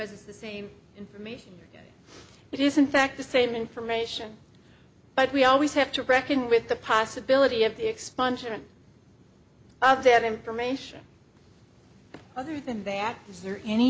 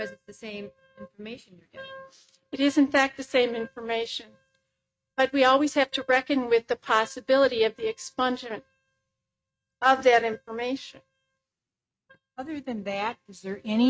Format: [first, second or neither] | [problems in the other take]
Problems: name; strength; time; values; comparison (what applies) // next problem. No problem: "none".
first | noise reduction (neural mask model RNNoise)